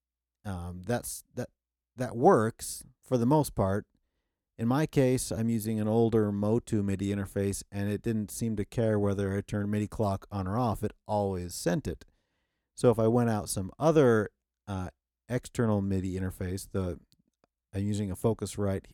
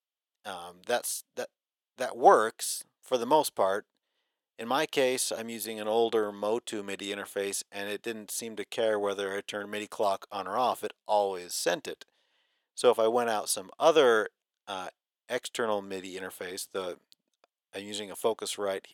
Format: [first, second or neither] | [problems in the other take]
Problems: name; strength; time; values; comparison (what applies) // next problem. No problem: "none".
first | thin; very; fading below 600 Hz